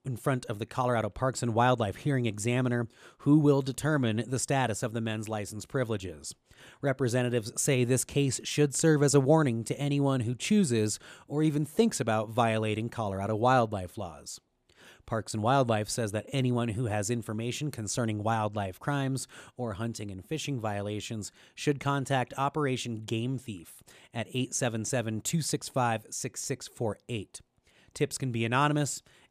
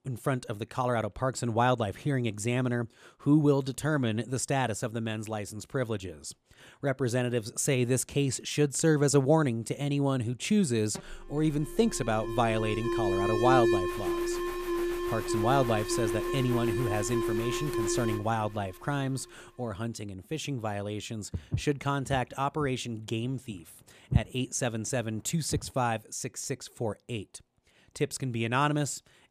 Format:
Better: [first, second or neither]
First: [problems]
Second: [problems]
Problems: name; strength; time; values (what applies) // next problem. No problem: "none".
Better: first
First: none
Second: alarm; loud; from 11 to 18 s; peak 5 dB above the speech // footsteps; noticeable; from 21 to 26 s; peak 1 dB below the speech